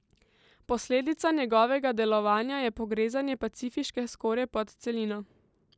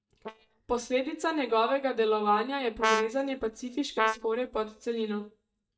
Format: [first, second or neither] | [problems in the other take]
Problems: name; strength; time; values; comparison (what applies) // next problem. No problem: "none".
first | noise reduction (neural mask model DeepFilterNet 3)